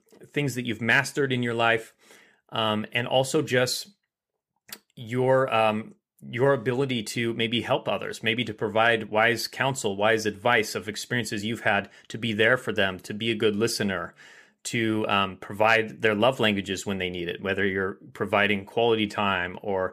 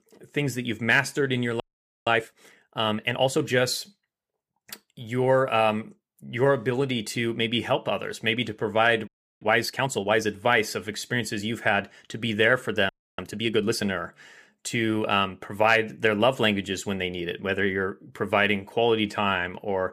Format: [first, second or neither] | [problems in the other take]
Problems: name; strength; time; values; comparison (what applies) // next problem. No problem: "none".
first | audio freezing; at 1.5 s, at 9 s and at 13 s